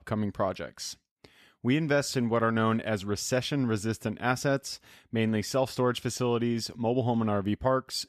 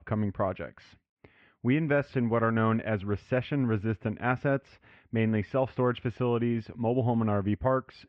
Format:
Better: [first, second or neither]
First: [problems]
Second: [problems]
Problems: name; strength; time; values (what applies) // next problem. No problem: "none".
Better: first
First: none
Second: muffled; very; fading above 2.5 kHz